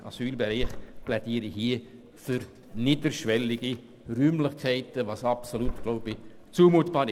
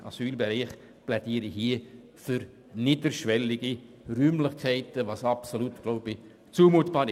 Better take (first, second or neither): second